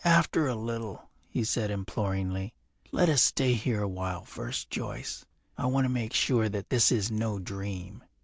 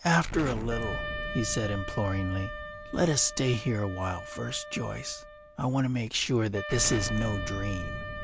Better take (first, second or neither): first